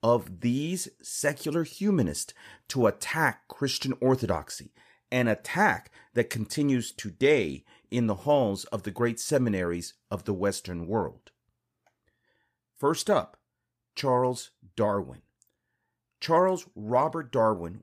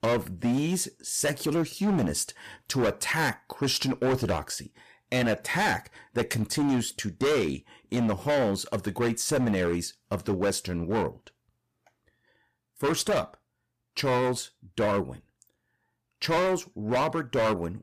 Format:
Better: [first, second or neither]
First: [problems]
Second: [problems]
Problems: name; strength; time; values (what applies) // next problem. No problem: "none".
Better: first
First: none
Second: distortion; heavy; 12% of the sound clipped